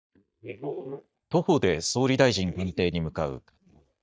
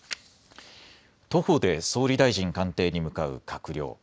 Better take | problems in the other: second | noise reduction (neural mask model DeepFilterNet 3)

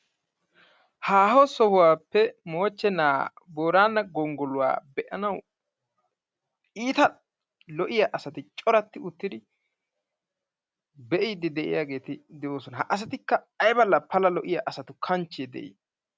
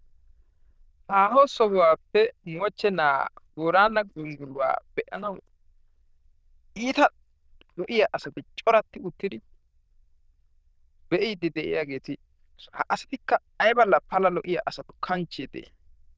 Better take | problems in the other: first | noise reduction (neural diffusion model UNIVERSE++)

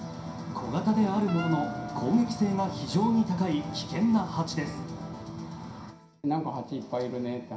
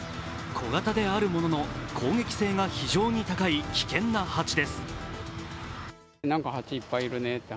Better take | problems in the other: second | background sound (Wind instrument, woodwind instrument); 13 dB below the speech // room echo; dies away in 0.5 s

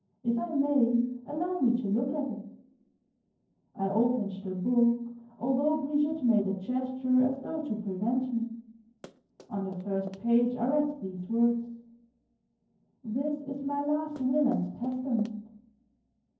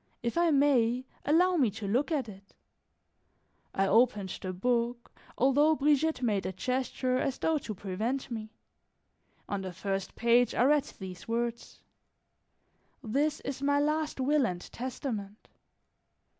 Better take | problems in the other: second | noise reduction (neural separator model SepFormer DNS4)

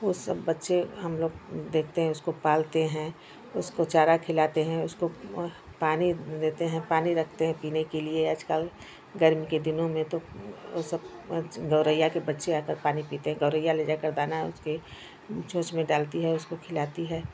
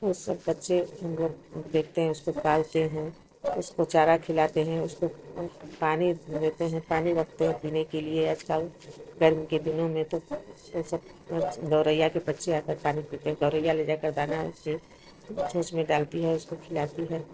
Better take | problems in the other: first | noise reduction (neural separator model SepFormer DNS4)

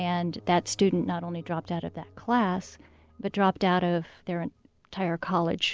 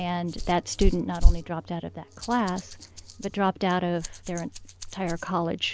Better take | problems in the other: first | background sound (Rattle); 1 dB above the speech

